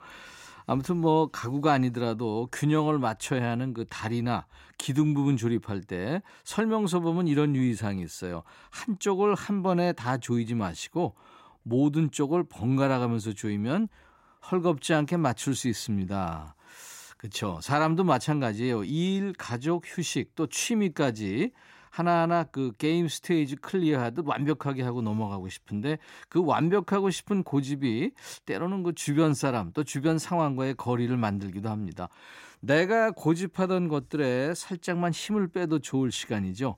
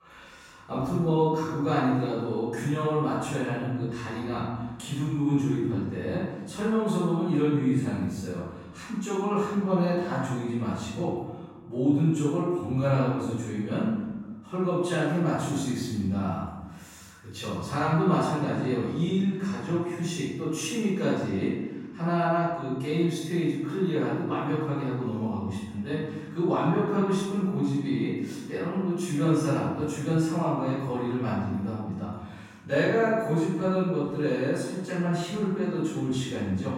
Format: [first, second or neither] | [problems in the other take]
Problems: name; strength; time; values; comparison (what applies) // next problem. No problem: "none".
first | room echo; strong; dies away in 1.1 s // off-mic speech; far